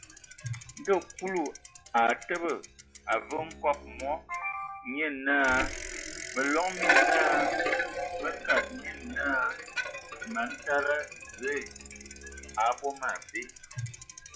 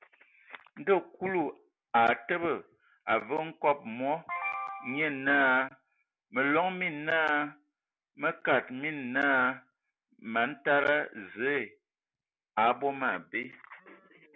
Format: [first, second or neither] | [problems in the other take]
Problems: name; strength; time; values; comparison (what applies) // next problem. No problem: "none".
second | noise reduction (classical method log-MMSE)